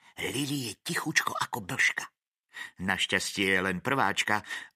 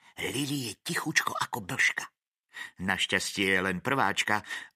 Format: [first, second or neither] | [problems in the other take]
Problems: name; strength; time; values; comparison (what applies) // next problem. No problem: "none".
neither | thin; somewhat; fading below 300 Hz; the same in both